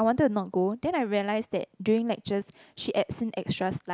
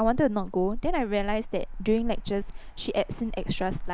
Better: first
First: none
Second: background sound (Motor vehicle (road)); 4 dB below the speech

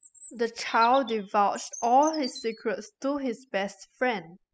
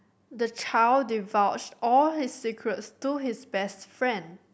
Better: second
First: noise reduction (classical method spectral subtraction)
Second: none

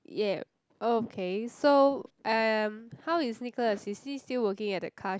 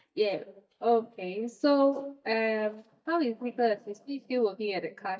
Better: first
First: none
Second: noise reduction (neural mask model DeepFilterNet 3)

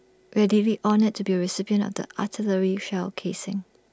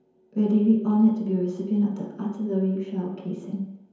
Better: first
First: none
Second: room echo; dies away in 0.9 s

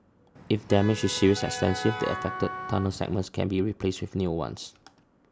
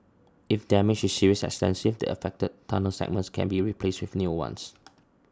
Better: second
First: background sound (Wind instrument, woodwind instrument + Motor vehicle (road)); 9 dB below the speech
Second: none

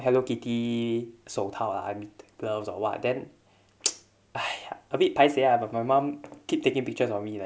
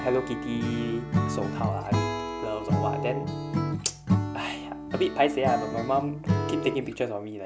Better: first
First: none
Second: background sound (Acoustic guitar / Strum); as loud as the speech

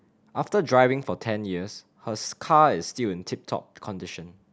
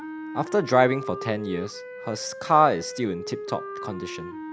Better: first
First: none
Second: background sound (Wind instrument, woodwind instrument); 10 dB below the speech

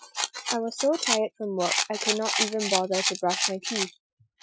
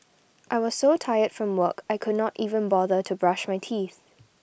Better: second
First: noise reduction (classical method Wiener filter)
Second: none

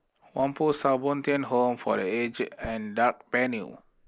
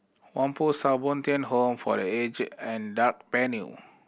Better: second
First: noise reduction (neural mask model Resemble Enhance denoiser)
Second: none

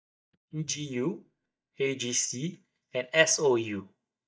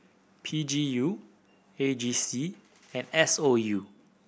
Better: second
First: noise reduction (neural mask model DeepFilterNet 3)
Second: none

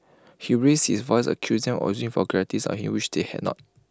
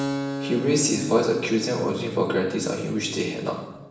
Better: first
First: none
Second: background sound (Keyboard (musical)); 10 dB below the speech // room echo; dies away in 0.9 s

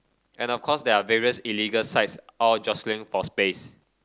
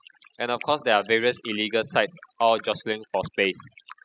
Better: first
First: none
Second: noise reduction (classical method spectral subtraction)

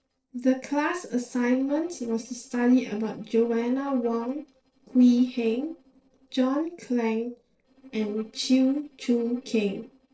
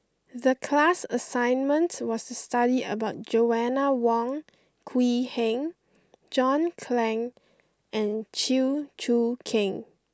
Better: second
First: noise reduction (neural separator model SepFormer DNS4)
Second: none

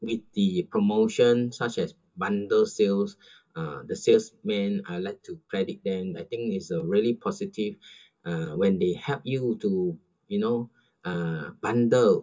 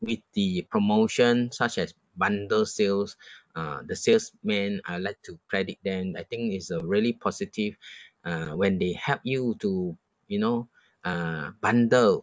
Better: second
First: room echo; dies away in 0.2 s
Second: none

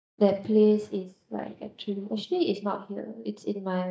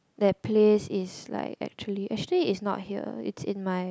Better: second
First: noise reduction (neural mask model DeepFilterNet 3)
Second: none

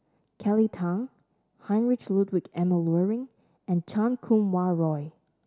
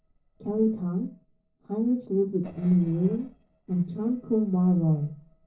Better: first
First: none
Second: noise reduction (neural separator model SepFormer DNS4)

